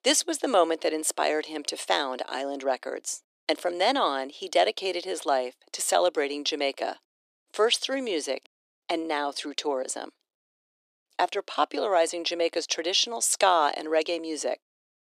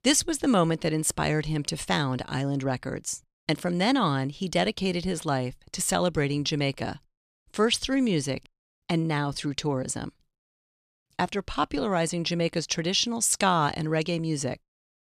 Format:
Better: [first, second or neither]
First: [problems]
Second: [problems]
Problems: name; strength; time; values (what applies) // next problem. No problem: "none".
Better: second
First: thin; very; fading below 300 Hz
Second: none